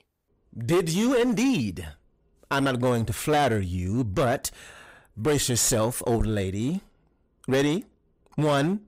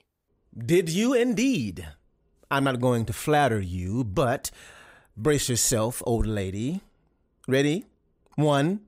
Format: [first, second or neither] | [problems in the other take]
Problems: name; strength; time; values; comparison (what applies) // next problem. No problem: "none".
second | distortion; slight; 8% of the sound clipped